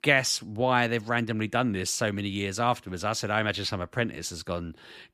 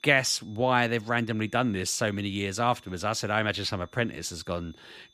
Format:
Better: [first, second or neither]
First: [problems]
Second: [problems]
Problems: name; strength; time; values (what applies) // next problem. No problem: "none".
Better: first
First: none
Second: high-pitched whine; faint; throughout; 3.5 kHz, 30 dB below the speech